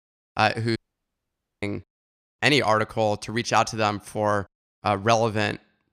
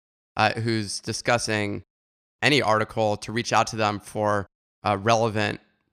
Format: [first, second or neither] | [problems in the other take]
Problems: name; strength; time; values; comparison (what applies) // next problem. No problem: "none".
second | audio cutting out; at 1 s for 1 s